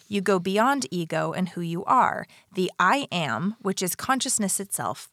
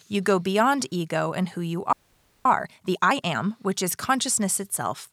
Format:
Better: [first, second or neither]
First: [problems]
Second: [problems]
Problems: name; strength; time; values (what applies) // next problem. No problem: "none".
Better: first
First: none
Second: audio freezing; at 2 s for 0.5 s